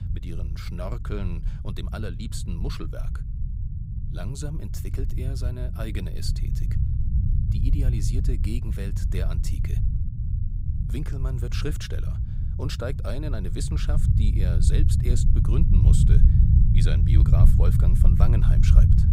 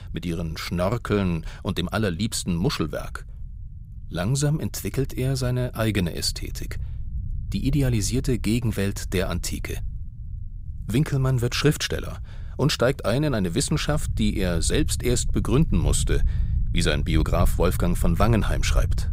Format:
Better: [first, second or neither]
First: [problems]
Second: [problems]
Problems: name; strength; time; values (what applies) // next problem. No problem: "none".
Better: second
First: low rumble; loud; throughout; 1 dB below the speech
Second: low rumble; faint; throughout; 20 dB below the speech